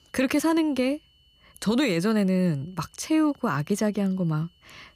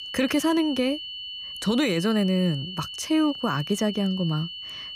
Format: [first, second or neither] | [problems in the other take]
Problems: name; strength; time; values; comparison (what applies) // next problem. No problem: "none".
first | high-pitched whine; loud; throughout; 3 kHz, 9 dB below the speech; faint in the first